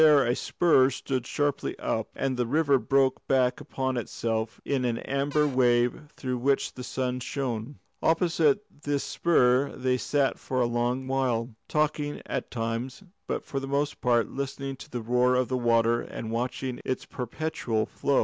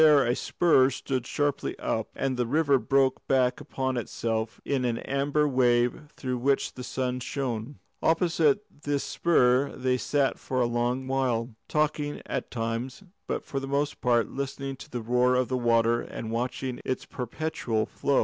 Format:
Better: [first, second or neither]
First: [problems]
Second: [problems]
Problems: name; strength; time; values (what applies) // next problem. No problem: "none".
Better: second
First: background sound (Cupboard open or close / Door); 18 dB below the speech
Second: none